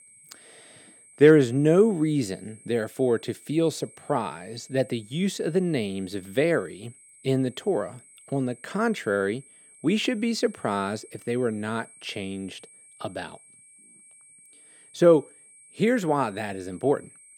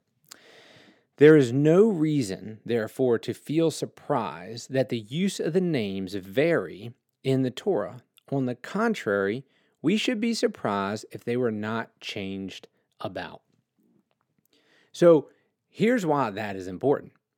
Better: second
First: high-pitched whine; faint; throughout; 8.5 kHz, 25 dB below the speech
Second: none

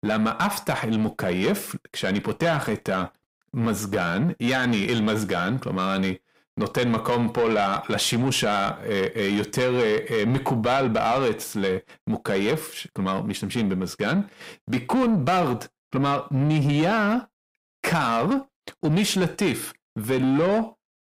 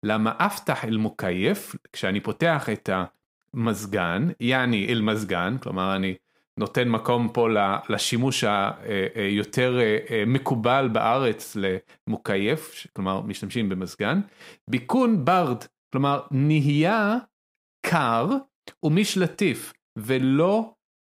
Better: second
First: distortion; slight; 10 dB below the speech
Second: none

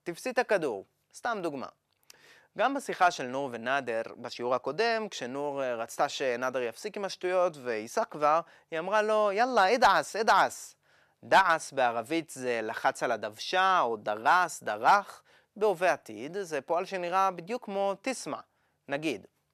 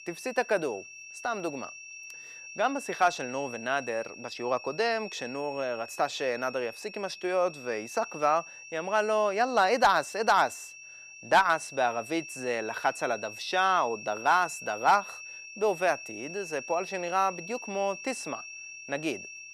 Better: first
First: none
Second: high-pitched whine; noticeable; throughout; 2.5 kHz, 15 dB below the speech

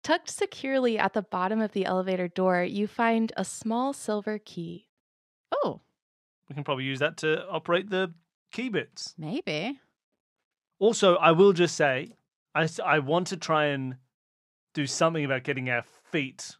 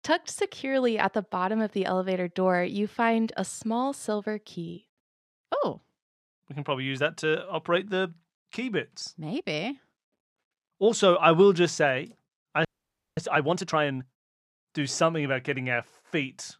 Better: first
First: none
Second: audio freezing; at 13 s for 0.5 s

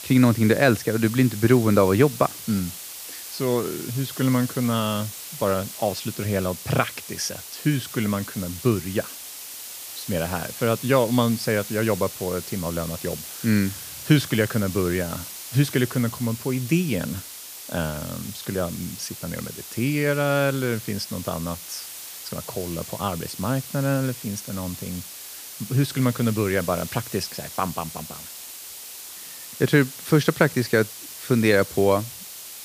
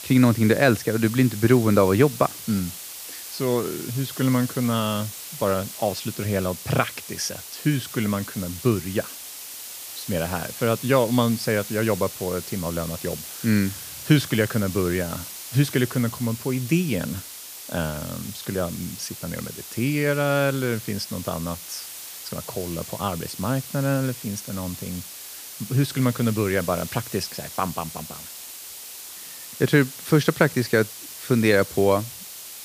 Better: neither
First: hiss; noticeable; throughout; 10 dB below the speech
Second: hiss; noticeable; throughout; 10 dB below the speech

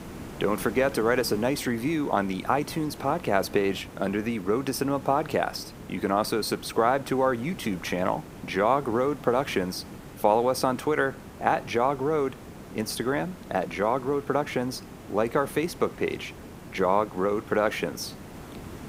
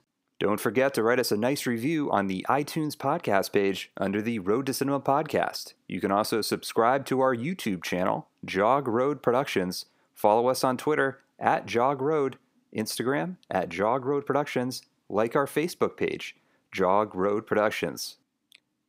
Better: second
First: hiss; noticeable; throughout; 15 dB below the speech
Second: none

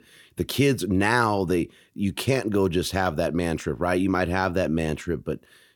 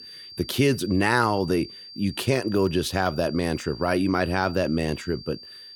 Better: first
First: none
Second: high-pitched whine; noticeable; throughout; 4.5 kHz, 15 dB below the speech

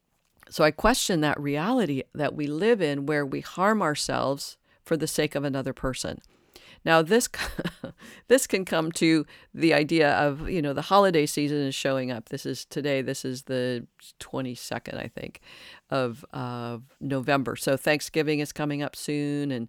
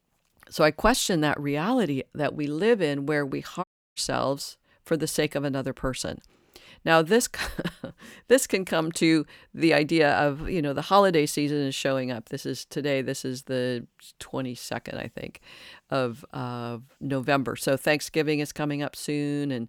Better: first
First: none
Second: audio cutting out; at 3.5 s

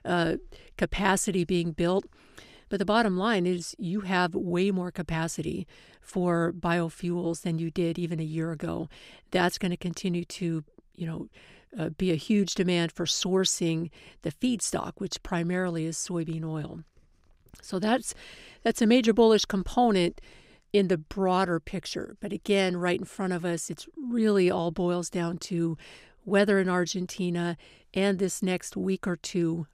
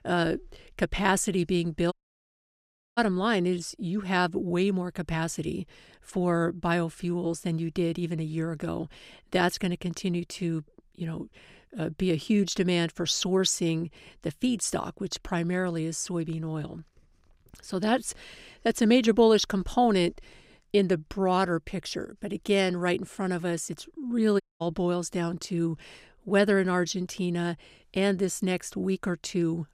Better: first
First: none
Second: audio cutting out; at 2 s for 1 s and at 24 s

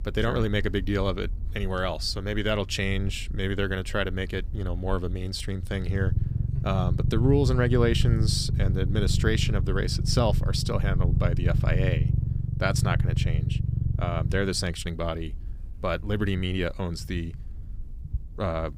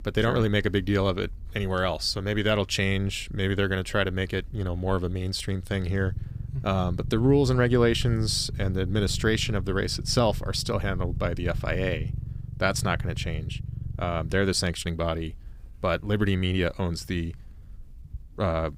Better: second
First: low rumble; loud; throughout; 10 dB below the speech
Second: low rumble; faint; throughout; 20 dB below the speech

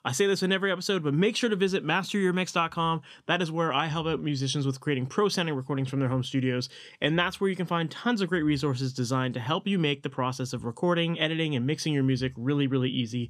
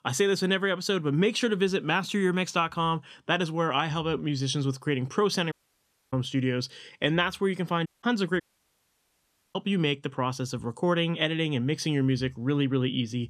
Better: first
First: none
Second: audio cutting out; at 5.5 s for 0.5 s, at 8 s and at 8.5 s for 1 s

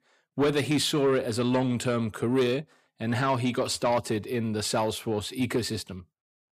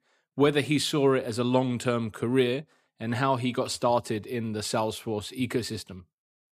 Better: second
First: distortion; slight; 10 dB below the speech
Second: none

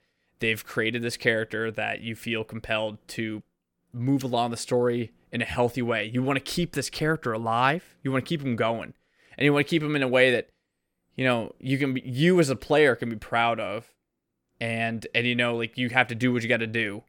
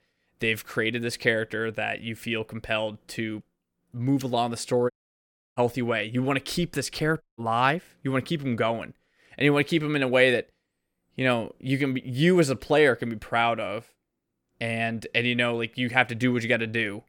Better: first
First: none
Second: audio cutting out; at 5 s for 0.5 s and at 7 s

